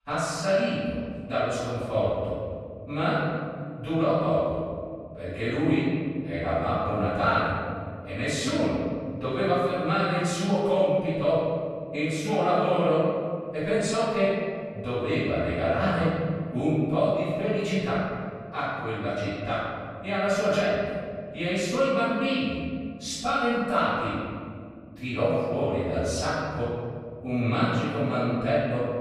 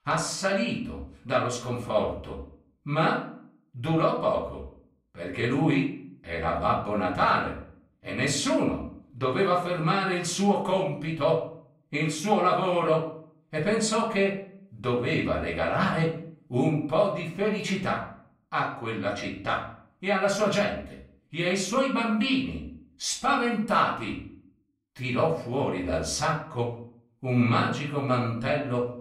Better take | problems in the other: second | room echo; strong; dies away in 2.5 s; slight in the second // off-mic speech; far; far in the second

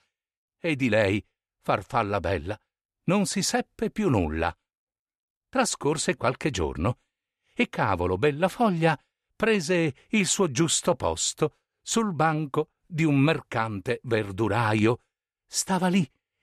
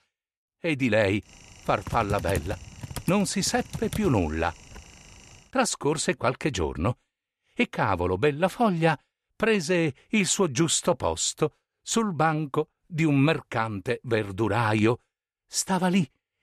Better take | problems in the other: first | keyboard typing; noticeable; from 1.5 to 5 s; peak 8 dB below the speech

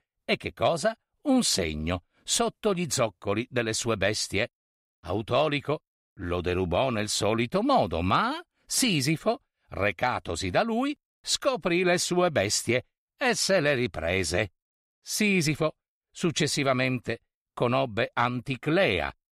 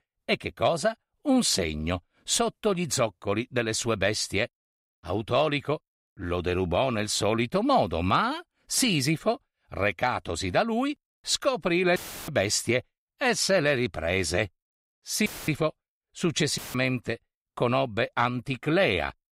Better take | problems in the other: first | audio cutting out; filled with static; at 12 s, at 15 s and at 17 s

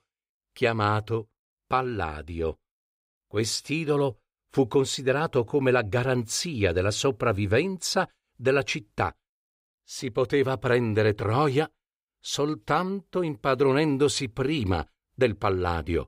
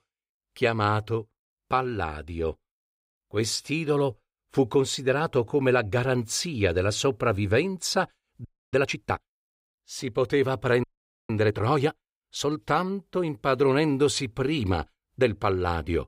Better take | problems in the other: first | audio freezing; at 8.5 s and at 11 s

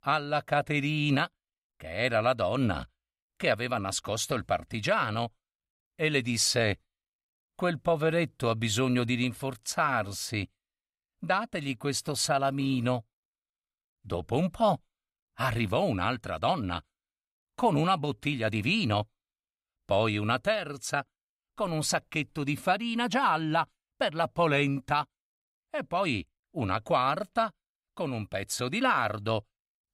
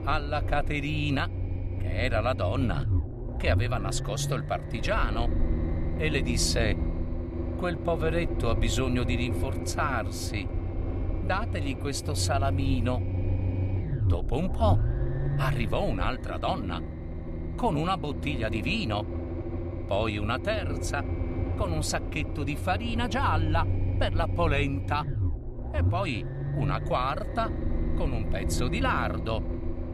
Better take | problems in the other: first | low rumble; loud; throughout; 10 dB below the speech

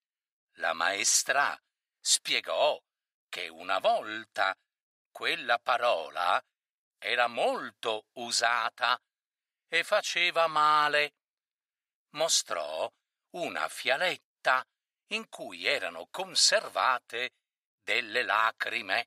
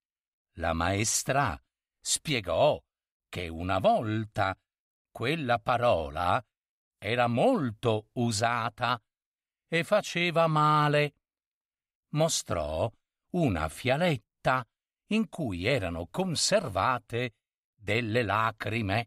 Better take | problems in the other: second | thin; very; fading below 650 Hz

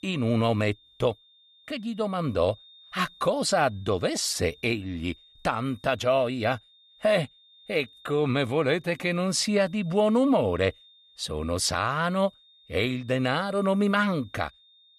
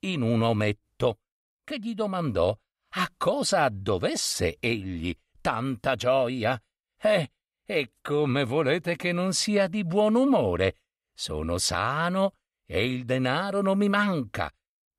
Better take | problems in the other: second | high-pitched whine; faint; throughout; 3.5 kHz, 25 dB below the speech

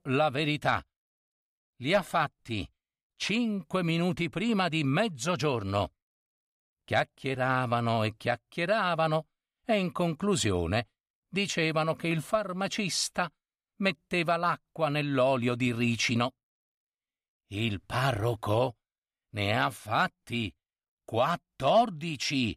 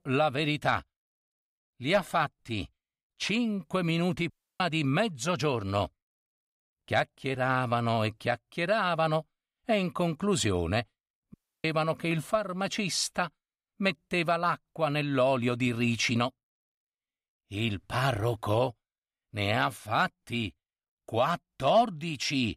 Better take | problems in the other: first | audio cutting out; at 4.5 s and at 11 s

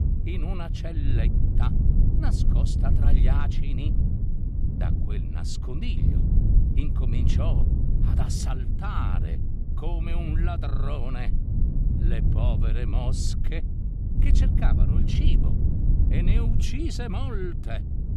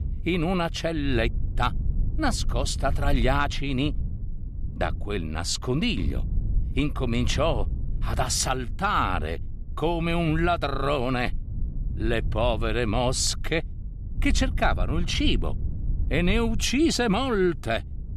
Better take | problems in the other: second | low rumble; loud; throughout; 1 dB below the speech; faint in the second

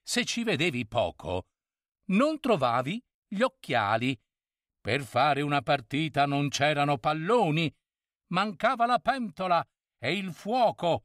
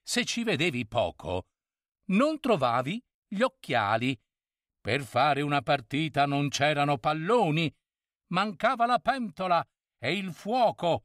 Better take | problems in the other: neither | none

